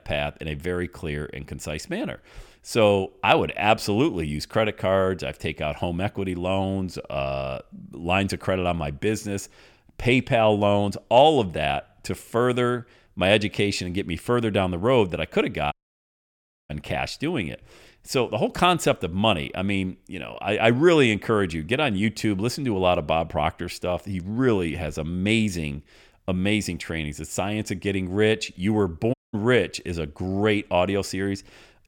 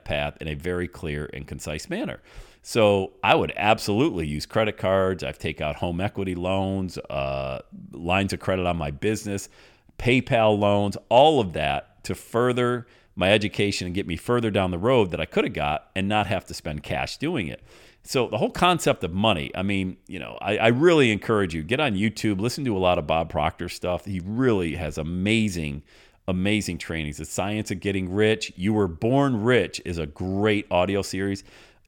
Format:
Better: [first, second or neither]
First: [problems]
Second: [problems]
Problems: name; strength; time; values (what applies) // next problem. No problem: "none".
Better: second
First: audio cutting out; at 16 s for 1 s and at 29 s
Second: none